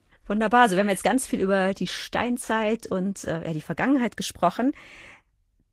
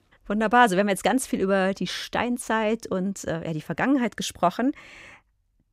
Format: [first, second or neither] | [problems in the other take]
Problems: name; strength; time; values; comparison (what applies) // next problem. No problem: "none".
second | garbled, watery; slightly; nothing above 15.5 kHz